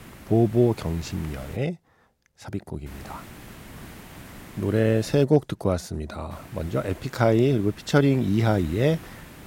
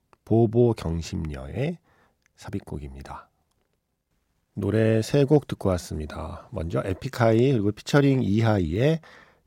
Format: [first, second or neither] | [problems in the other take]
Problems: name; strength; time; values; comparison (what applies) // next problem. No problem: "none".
second | hiss; faint; until 1.5 s, from 3 to 5 s and from 6.5 s on; 20 dB below the speech